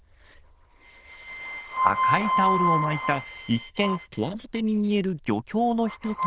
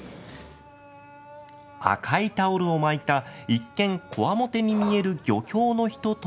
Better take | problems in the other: second | noise reduction (neural diffusion model UNIVERSE++)

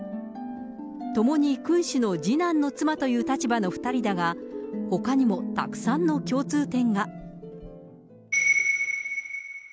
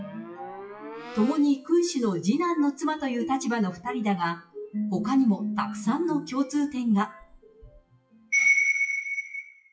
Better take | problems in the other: first | noise reduction (classical method WPE with log-MMSE)

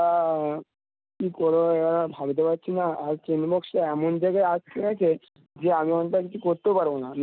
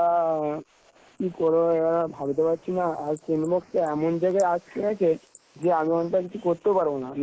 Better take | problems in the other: first | noise reduction (neural mask model Resemble Enhance denoiser)

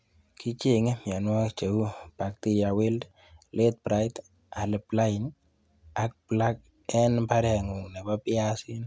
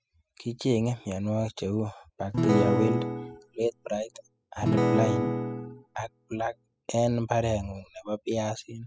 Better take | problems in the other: first | noise reduction (classical method spectral subtraction)

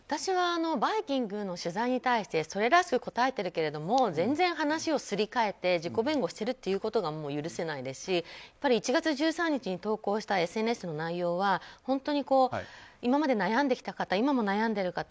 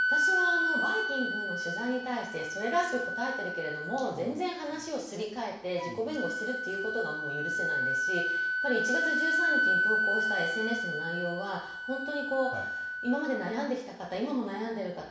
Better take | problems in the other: first | background sound (Wind instrument, woodwind instrument); 2 dB above the speech // room echo; dies away in 0.7 s

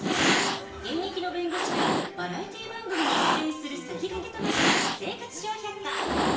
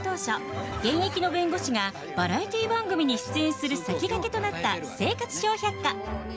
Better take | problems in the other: second | background sound (Cat); 4 dB above the speech // room echo; dies away in 0.8 s

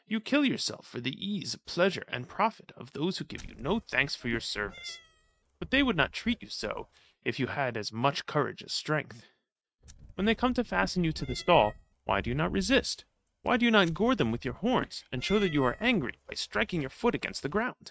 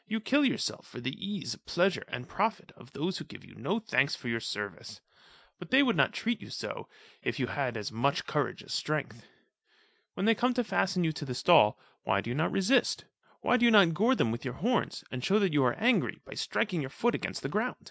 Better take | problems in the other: second | noise reduction (neural mask model RNNoise)

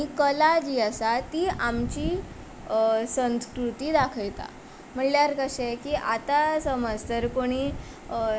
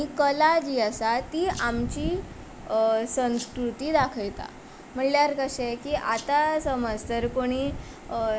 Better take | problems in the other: first | background sound (Rattle (instrument)); 20 dB below the speech

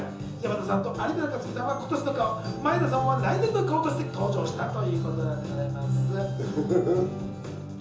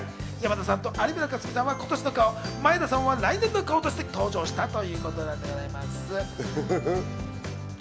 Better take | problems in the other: second | room echo; dies away in 0.6 s

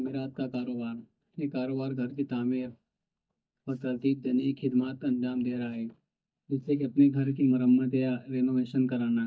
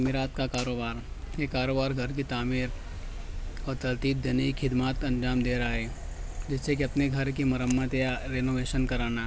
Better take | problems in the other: second | noise reduction (neural mask model DeepFilterNet 3)

